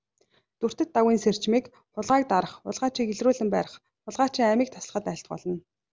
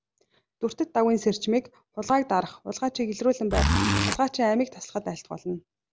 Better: first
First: none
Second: background sound (Zipper (clothing)); 4 dB above the speech

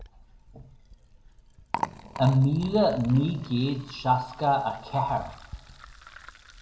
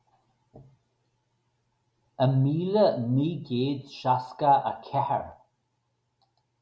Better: second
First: background sound (Liquid); 14 dB below the speech // room echo; dies away in 0.5 s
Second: none

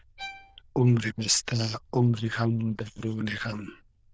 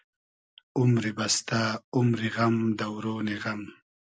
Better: second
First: noise reduction (neural diffusion model UNIVERSE++)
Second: none

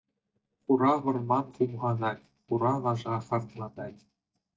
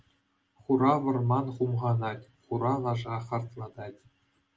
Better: second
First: noise reduction (neural mask model DeepFilterNet 3)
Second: none

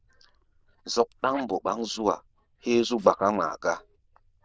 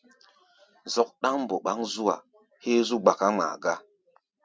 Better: second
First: noise reduction (neural diffusion model UNIVERSE++)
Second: none

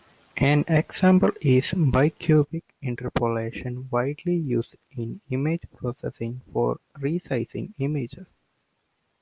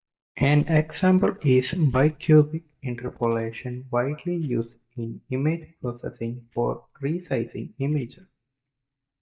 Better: first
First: none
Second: noise reduction (neural mask model DeepFilterNet 3)

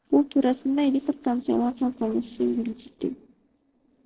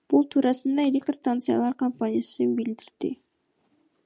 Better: second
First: noise reduction (neural separator model SepFormer DNS4)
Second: none

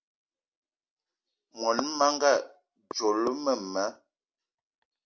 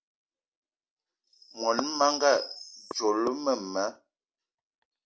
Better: first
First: none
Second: background sound (Chirp, tweet); 12 dB below the speech

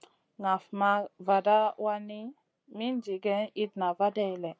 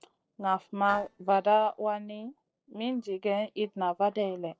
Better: first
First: none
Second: noise reduction (neural separator model SepFormer DNS4)

